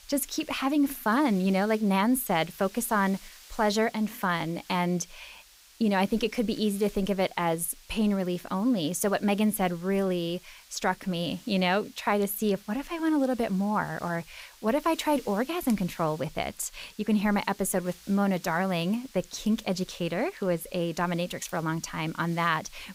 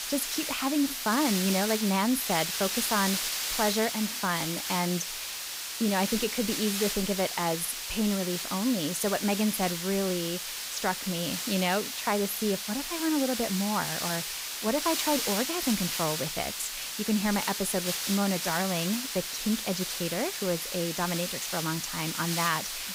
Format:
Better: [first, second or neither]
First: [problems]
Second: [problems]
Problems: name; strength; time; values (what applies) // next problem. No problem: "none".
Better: first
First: hiss; faint; throughout; 25 dB below the speech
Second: hiss; loud; throughout; 1 dB below the speech